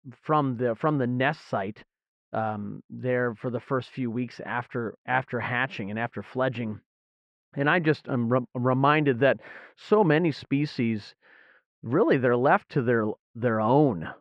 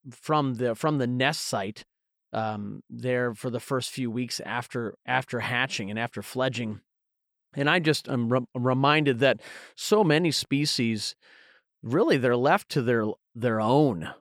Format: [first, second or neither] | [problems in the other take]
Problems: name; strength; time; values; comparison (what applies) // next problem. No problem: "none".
second | muffled; very; fading above 1.5 kHz